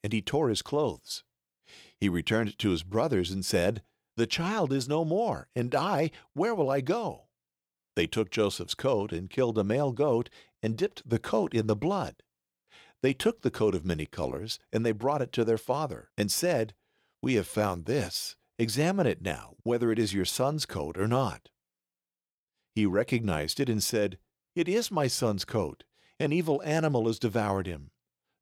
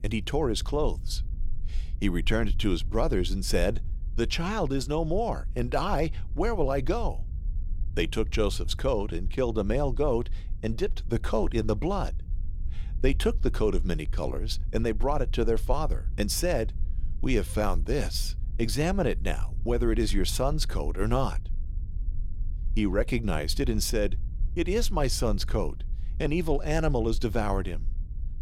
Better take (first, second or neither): first